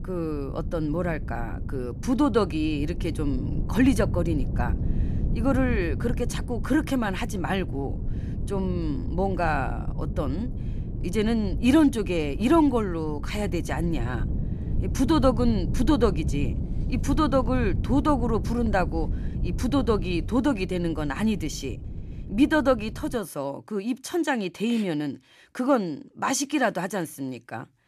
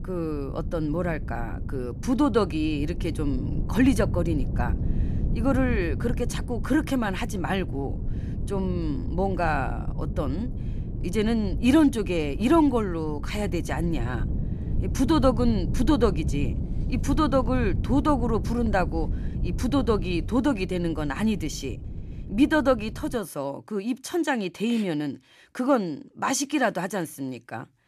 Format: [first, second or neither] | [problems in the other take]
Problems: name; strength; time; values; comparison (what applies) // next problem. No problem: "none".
neither | wind noise on the microphone; occasional gusts; until 23 s; 15 dB below the speech; the same in both